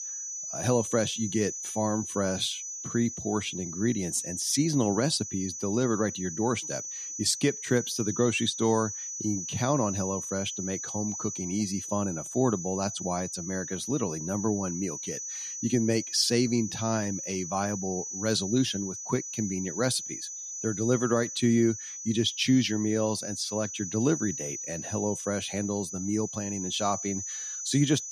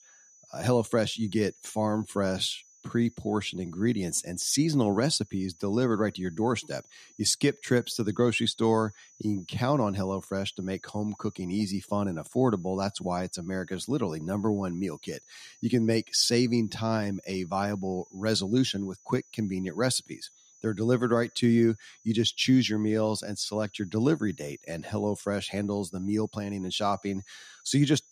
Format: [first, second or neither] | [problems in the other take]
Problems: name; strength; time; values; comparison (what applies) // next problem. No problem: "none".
second | high-pitched whine; loud; throughout; 6 kHz, 6 dB below the speech; faint in the second